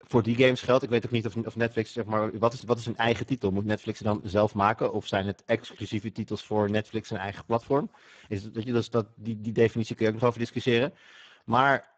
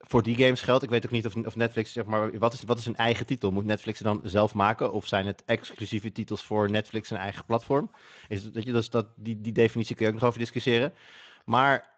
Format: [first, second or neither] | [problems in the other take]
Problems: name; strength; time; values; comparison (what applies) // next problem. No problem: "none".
second | garbled, watery; badly; nothing above 7.5 kHz; slightly in the second